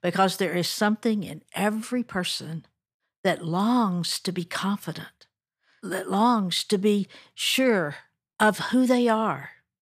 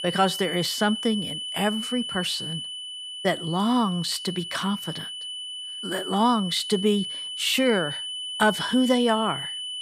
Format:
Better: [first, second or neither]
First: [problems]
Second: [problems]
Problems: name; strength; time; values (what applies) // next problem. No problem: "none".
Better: first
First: none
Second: high-pitched whine; loud; throughout; 3 kHz, 6 dB below the speech